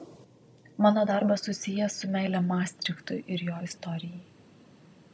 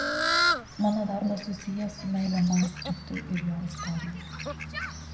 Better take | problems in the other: first | background sound (Fowl); 2 dB below the speech // room echo; dies away in 0.7 s

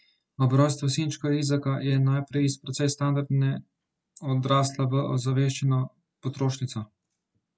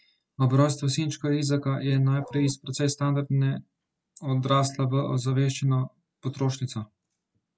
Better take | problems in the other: first | background sound (Bark); 18 dB below the speech

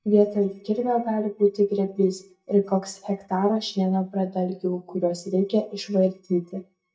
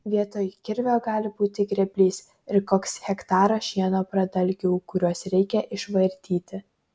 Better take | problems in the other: second | noise reduction (neural mask model DeepFilterNet 3)

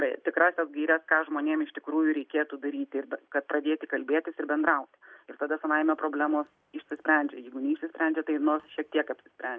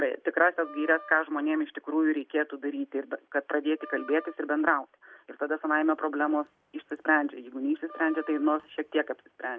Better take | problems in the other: first | background sound (Wind instrument, woodwind instrument); 20 dB below the speech

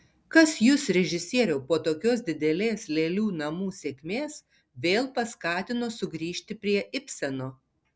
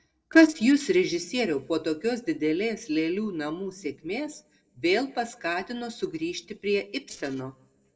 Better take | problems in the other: first | noise reduction (neural separator model SepFormer DNS4)

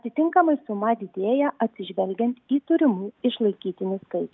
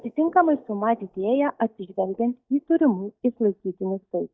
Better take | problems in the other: first | noise reduction (neural mask model DeepFilterNet 3)

